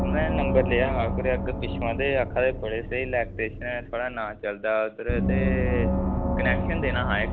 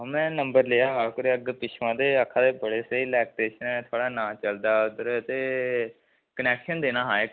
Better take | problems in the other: second | background sound (Gong); as loud as the speech

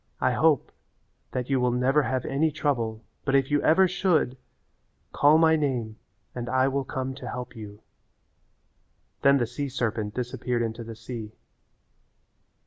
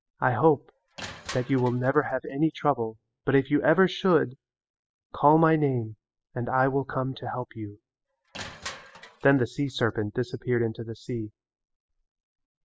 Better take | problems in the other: first | noise reduction (classical method spectral subtraction)

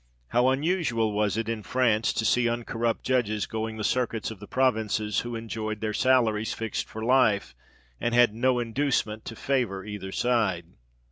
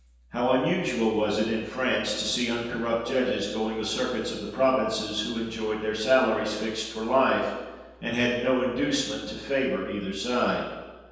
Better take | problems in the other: first | room echo; dies away in 1.2 s

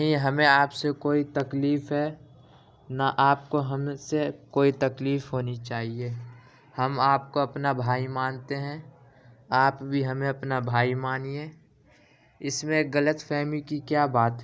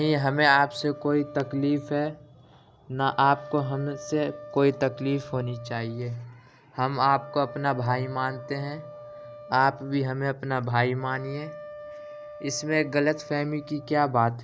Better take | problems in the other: first | background sound (Wind instrument, woodwind instrument); 16 dB below the speech

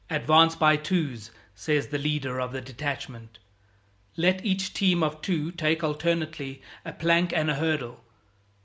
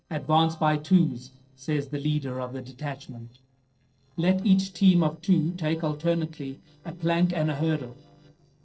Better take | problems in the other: first | noise reduction (neural separator model SepFormer DNS4)

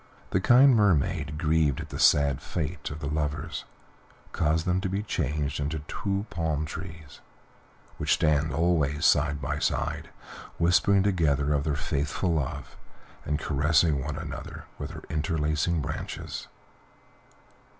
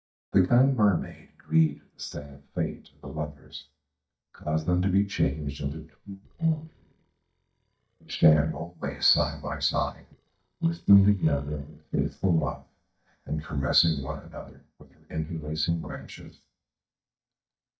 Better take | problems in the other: first | noise reduction (neural mask model DeepFilterNet 3)

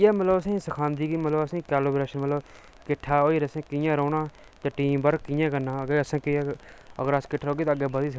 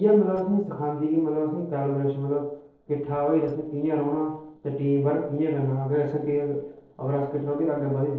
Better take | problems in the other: first | noise reduction (neural separator model SepFormer DNS4)

